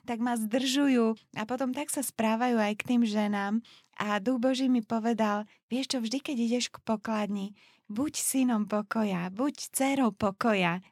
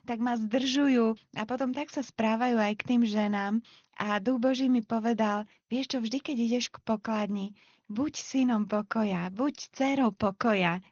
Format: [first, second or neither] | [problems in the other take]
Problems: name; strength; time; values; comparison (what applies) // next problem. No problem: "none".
first | garbled, watery; slightly; nothing above 6.5 kHz